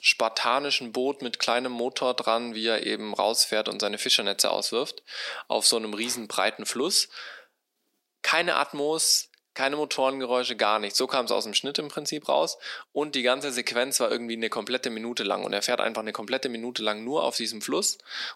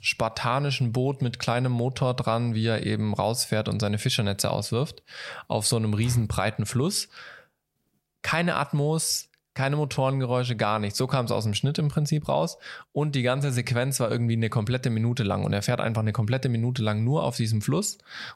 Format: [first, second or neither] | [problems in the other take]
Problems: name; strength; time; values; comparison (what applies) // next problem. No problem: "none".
second | thin; somewhat; fading below 250 Hz